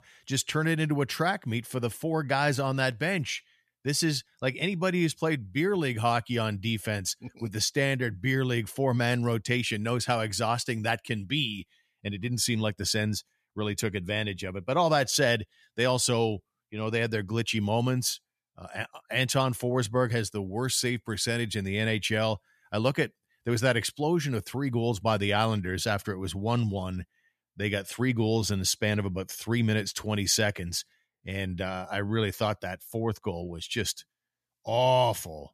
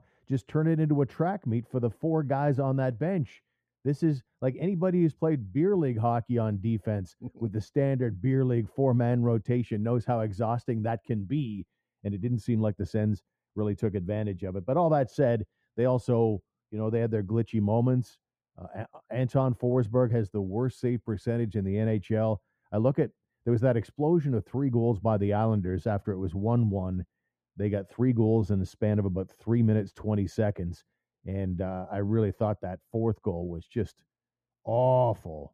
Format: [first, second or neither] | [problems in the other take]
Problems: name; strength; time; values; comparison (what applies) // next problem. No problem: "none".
first | muffled; very; fading above 1.5 kHz